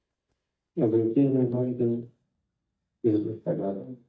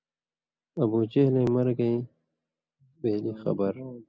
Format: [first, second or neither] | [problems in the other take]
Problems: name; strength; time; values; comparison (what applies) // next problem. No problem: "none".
second | noise reduction (neural mask model DeepFilterNet 3)